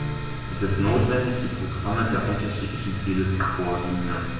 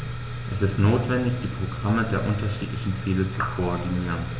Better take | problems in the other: second | background sound (Strum); 18 dB below the speech // room echo; dies away in 0.9 s

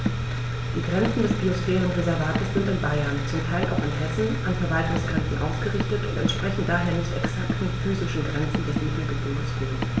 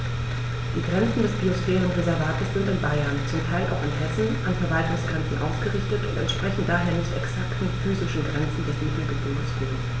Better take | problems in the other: second | background sound (Car); 10 dB below the speech

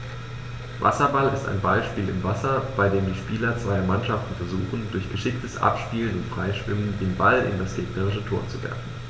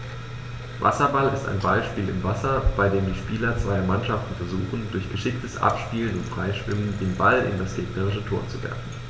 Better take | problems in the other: first | background sound (Bicycle); 12 dB below the speech

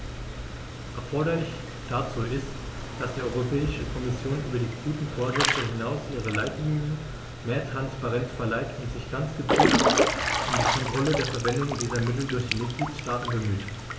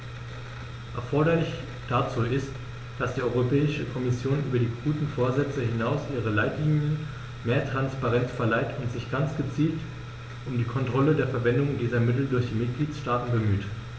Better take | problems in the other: second | background sound (Drip / Trickle, dribble / Water / Splash, splatter); 1 dB below the speech

